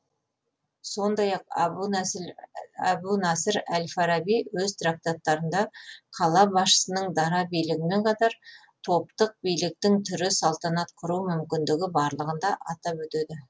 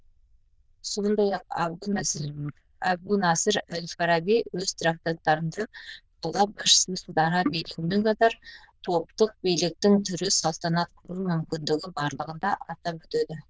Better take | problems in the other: first | noise reduction (neural diffusion model UNIVERSE++)

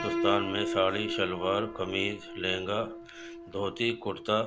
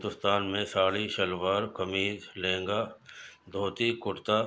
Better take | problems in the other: second | background sound (Piano); 6 dB below the speech

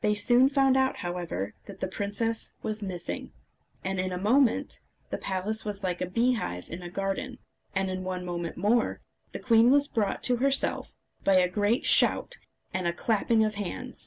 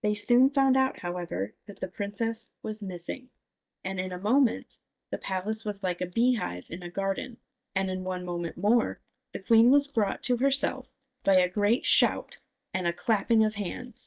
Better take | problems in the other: first | noise reduction (neural mask model DeepFilterNet 3)

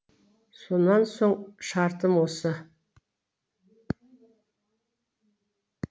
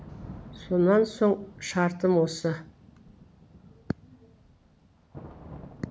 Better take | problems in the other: first | background sound (Thunder / Rain); 18 dB below the speech

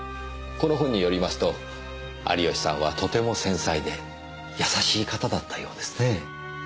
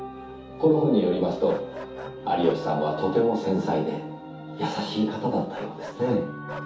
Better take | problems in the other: first | background sound (Bark); 19 dB below the speech // room echo; dies away in 0.5 s

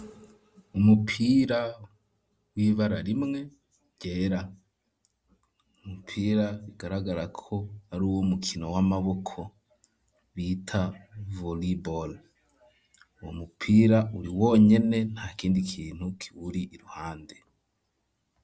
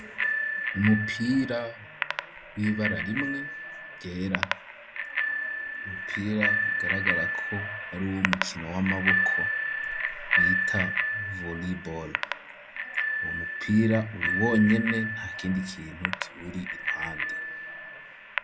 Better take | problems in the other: first | background sound (Bicycle bell); as loud as the speech

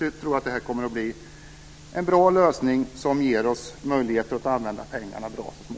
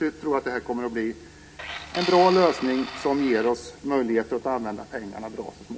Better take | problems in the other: first | background sound (Tools); 11 dB below the speech // room echo; dies away in 0.3 s

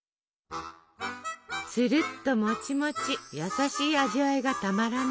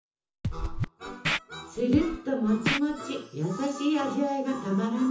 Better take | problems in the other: first | background sound (Scratching (performance technique)); 4 dB below the speech // room echo; dies away in 0.6 s

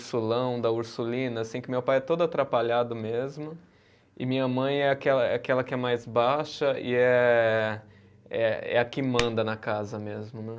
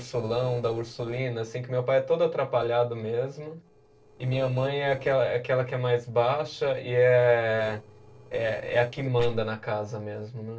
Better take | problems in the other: first | noise reduction (neural separator model SepFormer DNS4)

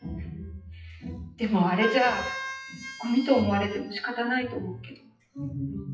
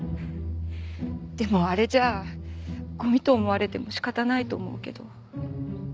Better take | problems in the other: second | noise reduction (classical method WPE with log-MMSE)

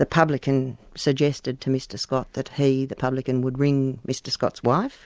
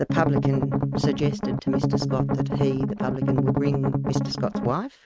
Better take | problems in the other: first | noise reduction (neural mask model RNNoise)

